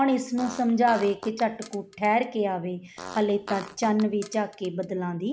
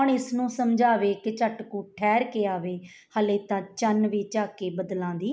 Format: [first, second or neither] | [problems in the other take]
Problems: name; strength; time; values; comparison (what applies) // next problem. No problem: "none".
second | background sound (Fart); 17 dB below the speech